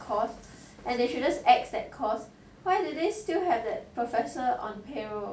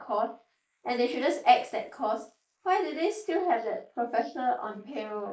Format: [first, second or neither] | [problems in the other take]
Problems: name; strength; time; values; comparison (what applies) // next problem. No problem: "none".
first | noise reduction (neural mask model Resemble Enhance denoiser)